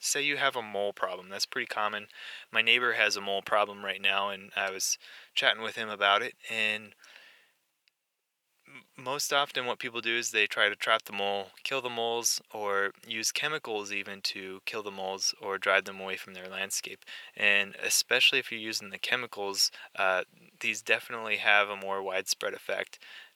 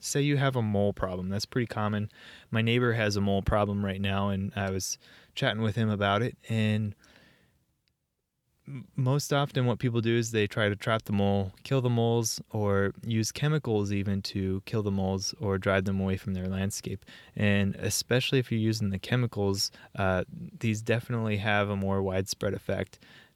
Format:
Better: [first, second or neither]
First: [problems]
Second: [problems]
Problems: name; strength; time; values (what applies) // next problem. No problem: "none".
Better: second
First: thin; very; fading below 700 Hz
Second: none